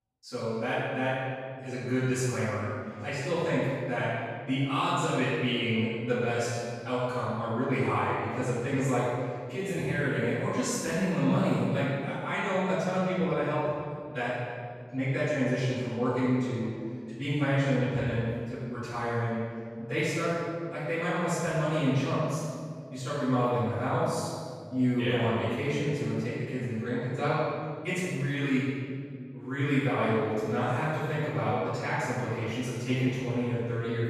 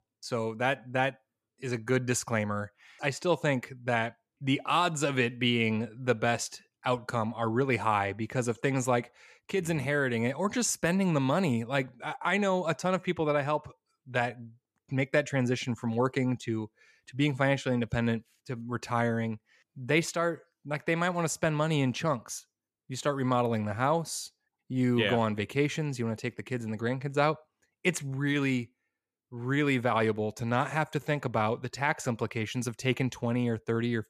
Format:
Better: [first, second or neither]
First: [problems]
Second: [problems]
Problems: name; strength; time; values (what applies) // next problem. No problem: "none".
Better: second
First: off-mic speech; far // room echo; strong; dies away in 1.9 s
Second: none